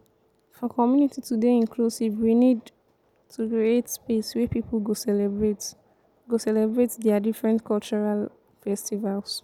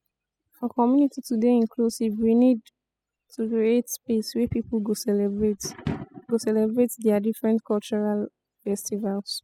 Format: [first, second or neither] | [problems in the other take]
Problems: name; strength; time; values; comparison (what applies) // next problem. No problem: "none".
first | noise reduction (classical method spectral subtraction)